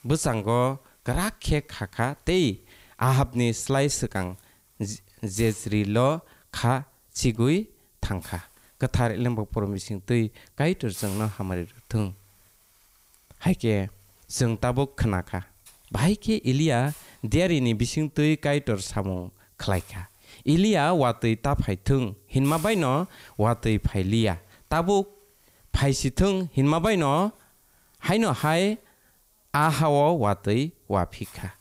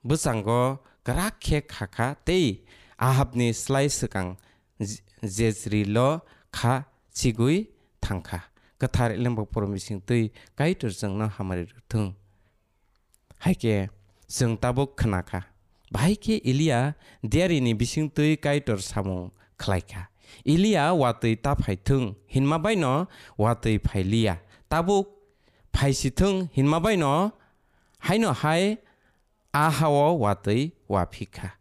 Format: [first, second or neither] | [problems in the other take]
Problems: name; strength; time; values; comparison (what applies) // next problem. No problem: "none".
second | hiss; faint; throughout; 25 dB below the speech